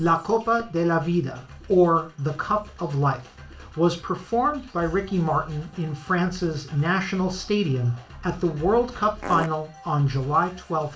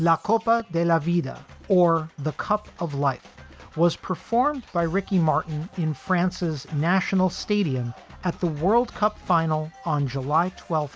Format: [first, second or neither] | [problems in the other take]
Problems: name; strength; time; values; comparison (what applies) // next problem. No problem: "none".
second | background sound (Fart); 5 dB below the speech // room echo; dies away in 0.3 s